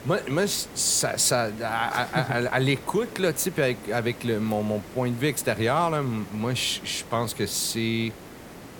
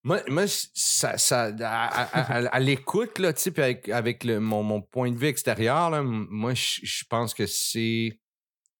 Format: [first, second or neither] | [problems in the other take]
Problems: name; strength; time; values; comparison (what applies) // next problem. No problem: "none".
second | hiss; noticeable; throughout; 15 dB below the speech